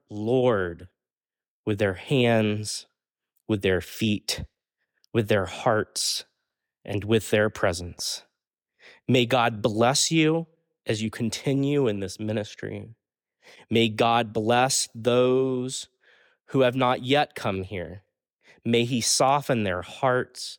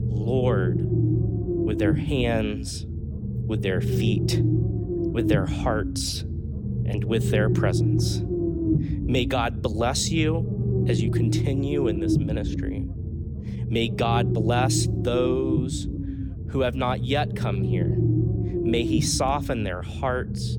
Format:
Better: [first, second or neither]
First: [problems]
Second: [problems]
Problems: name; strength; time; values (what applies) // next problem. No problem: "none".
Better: first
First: none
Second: low rumble; loud; throughout; 5 dB below the speech